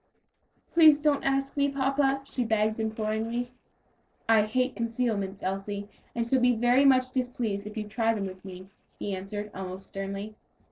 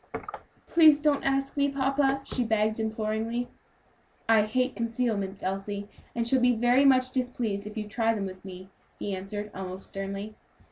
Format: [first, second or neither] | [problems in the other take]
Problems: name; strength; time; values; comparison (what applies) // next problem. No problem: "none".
second | noise reduction (neural separator model SepFormer DNS4)